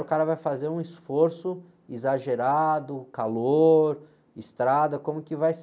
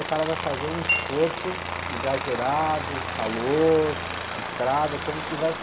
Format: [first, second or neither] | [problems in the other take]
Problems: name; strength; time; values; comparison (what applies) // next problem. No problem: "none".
first | background sound (Chink, clink + Aircraft); 4 dB below the speech